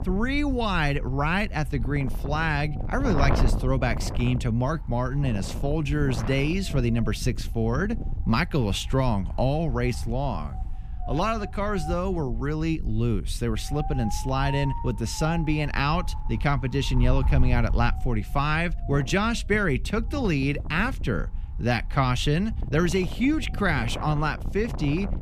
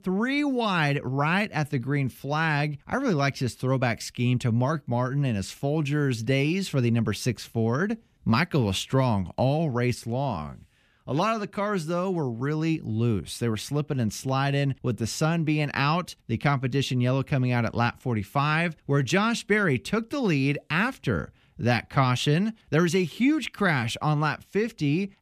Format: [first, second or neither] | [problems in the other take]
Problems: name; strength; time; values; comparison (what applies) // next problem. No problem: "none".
second | wind noise on the microphone; occasional gusts; 10 dB below the speech